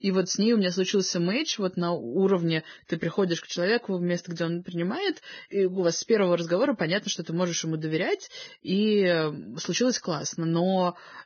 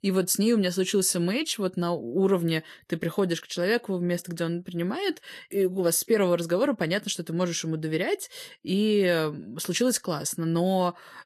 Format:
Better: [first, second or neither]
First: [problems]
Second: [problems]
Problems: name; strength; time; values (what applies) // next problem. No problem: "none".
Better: second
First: garbled, watery; badly; nothing above 6.5 kHz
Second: garbled, watery; slightly; nothing above 12.5 kHz